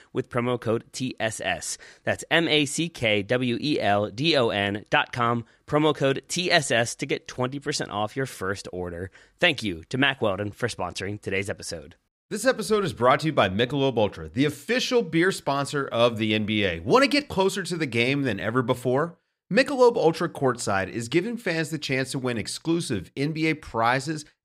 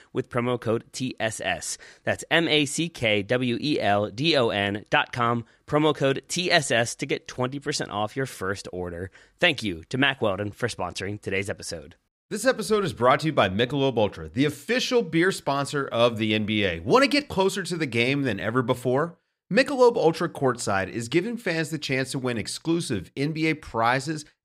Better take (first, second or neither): neither